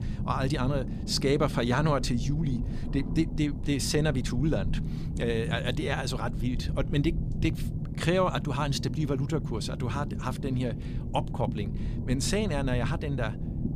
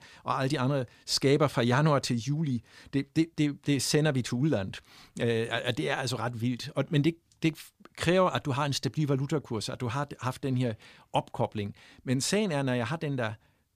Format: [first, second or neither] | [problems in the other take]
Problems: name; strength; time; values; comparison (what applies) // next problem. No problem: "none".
second | low rumble; noticeable; throughout; 10 dB below the speech